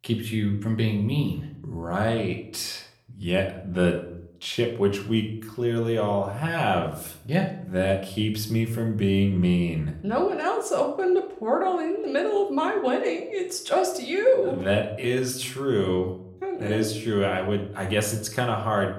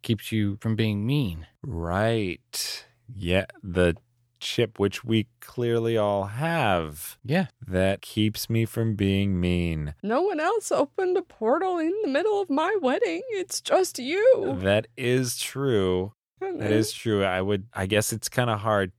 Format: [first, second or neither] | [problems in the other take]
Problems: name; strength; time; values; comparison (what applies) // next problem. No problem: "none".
second | room echo; slight; dies away in 0.5 s // off-mic speech; somewhat distant